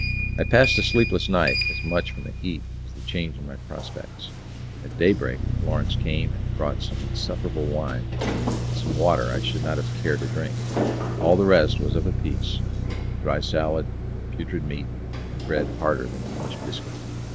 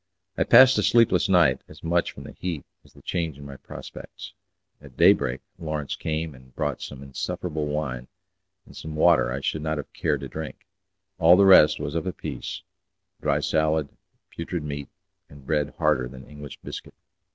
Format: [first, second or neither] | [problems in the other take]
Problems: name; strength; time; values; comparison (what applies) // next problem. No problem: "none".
second | background sound (Bass guitar + Sliding door); as loud as the speech